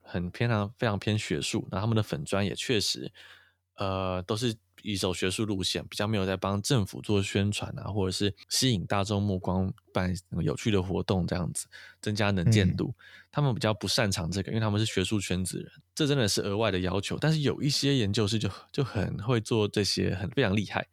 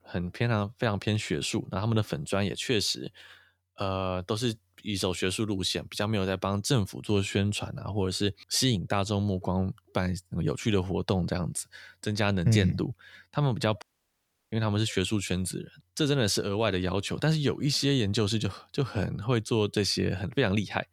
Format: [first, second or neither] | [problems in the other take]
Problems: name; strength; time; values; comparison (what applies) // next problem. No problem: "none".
first | audio cutting out; at 14 s for 0.5 s